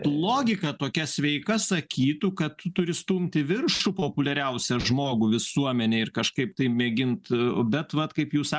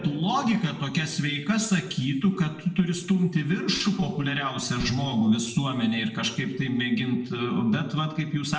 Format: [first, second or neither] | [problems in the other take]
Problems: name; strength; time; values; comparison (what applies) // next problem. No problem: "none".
first | room echo; dies away in 0.7 s